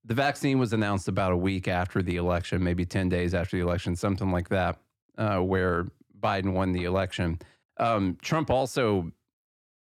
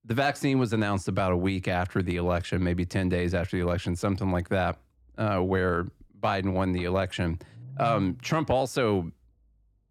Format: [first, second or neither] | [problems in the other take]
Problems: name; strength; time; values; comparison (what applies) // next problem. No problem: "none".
first | low rumble; faint; throughout; 25 dB below the speech